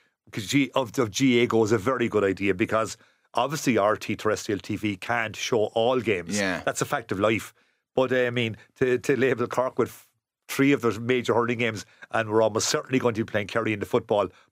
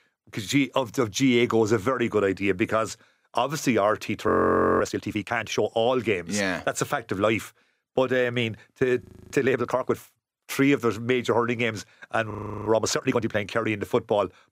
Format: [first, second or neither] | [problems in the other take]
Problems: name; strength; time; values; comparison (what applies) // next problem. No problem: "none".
first | audio freezing; at 4.5 s for 0.5 s, at 9 s and at 12 s